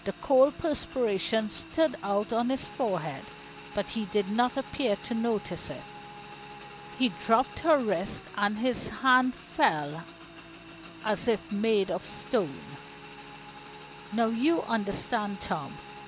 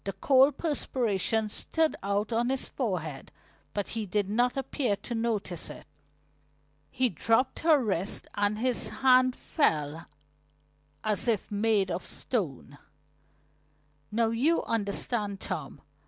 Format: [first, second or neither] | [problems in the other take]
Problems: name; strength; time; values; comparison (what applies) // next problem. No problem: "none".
second | background sound (Motorcycle / Engine); 16 dB below the speech